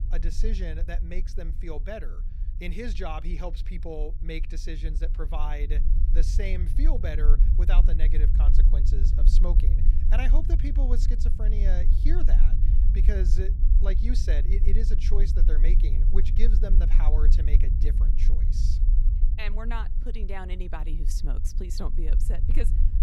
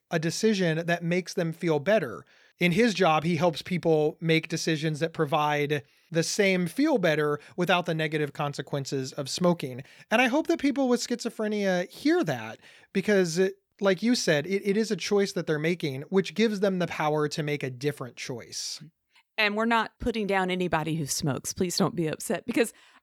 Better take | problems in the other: second | low rumble; loud; throughout; 7 dB below the speech

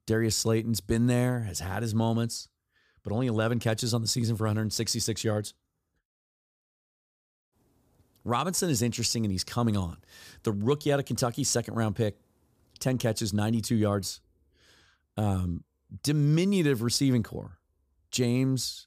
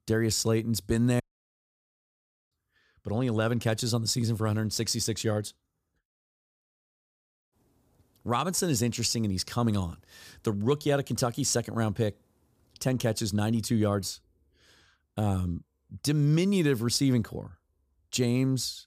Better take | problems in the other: first | audio cutting out; at 1 s for 1.5 s

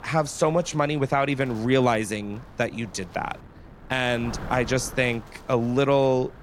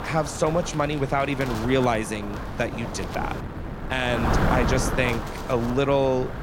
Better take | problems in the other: first | wind noise on the microphone; heavy; 6 dB below the speech; occasional gusts in the first

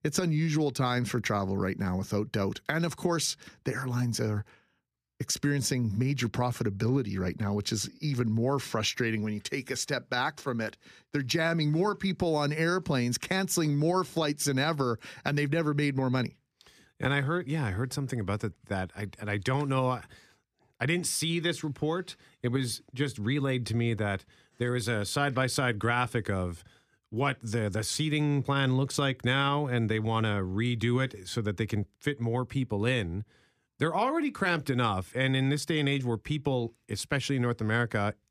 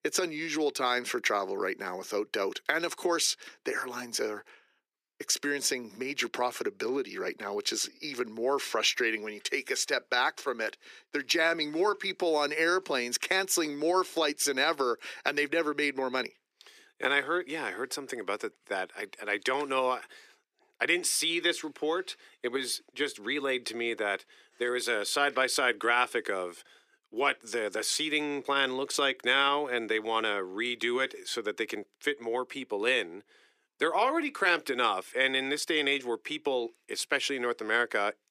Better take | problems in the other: first | thin; very; fading below 350 Hz

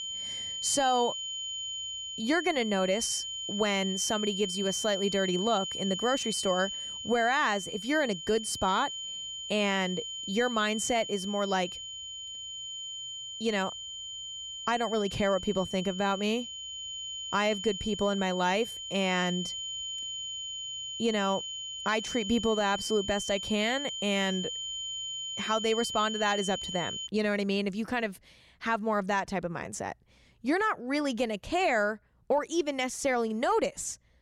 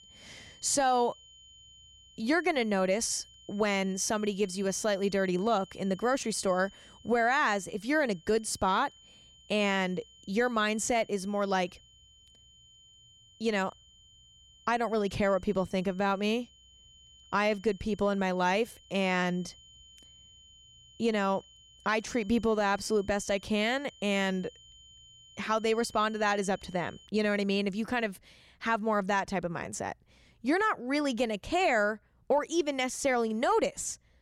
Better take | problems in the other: second | high-pitched whine; loud; until 27 s; 3 kHz, 5 dB below the speech; faint in the second

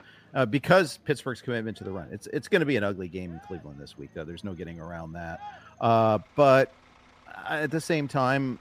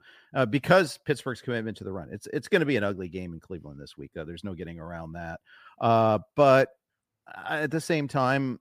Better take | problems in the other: second | traffic noise; faint; throughout; 30 dB below the speech

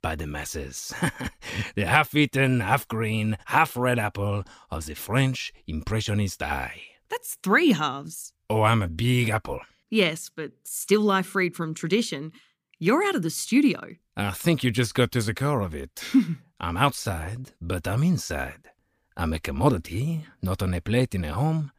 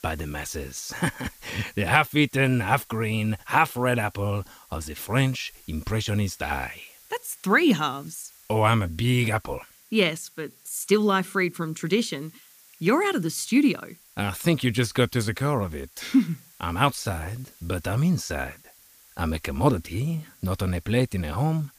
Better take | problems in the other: first | hiss; faint; throughout; 25 dB below the speech

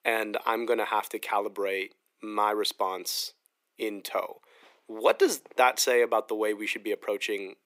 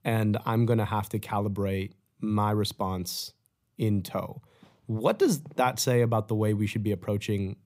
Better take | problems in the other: second | thin; very; fading below 350 Hz

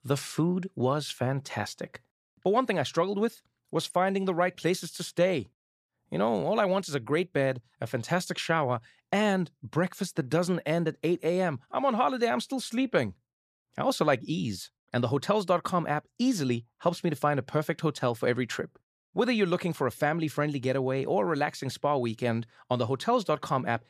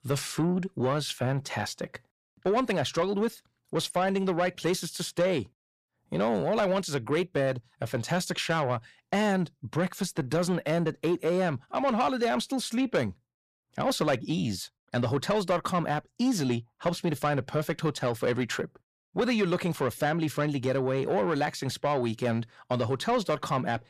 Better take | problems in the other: first | distortion; slight; 10 dB below the speech

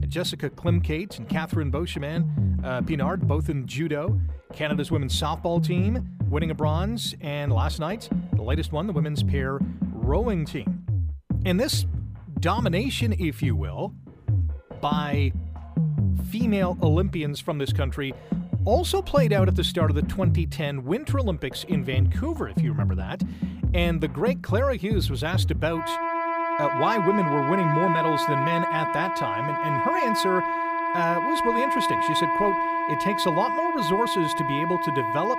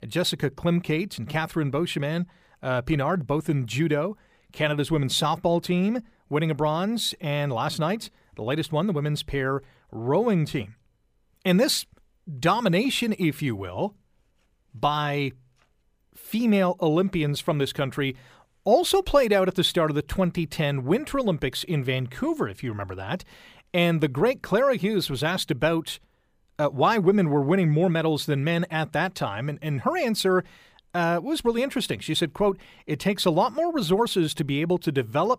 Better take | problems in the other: second | background music; very loud; throughout; 1 dB above the speech

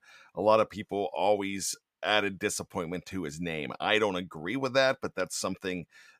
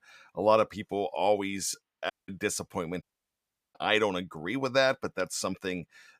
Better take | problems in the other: first | audio cutting out; at 2 s and at 3 s for 0.5 s

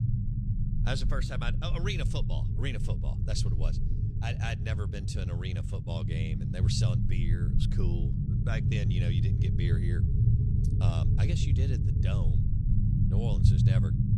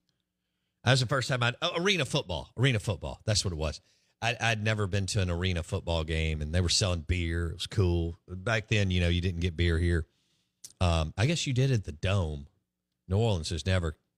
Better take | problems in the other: second | low rumble; loud; throughout; 1 dB below the speech

